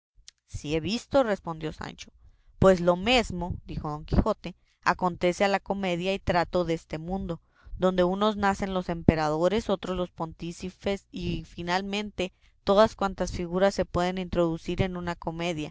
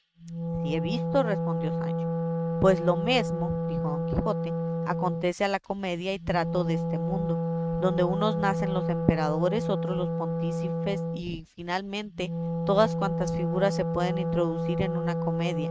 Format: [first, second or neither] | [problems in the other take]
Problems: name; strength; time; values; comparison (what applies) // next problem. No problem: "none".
first | noise reduction (neural mask model RNNoise)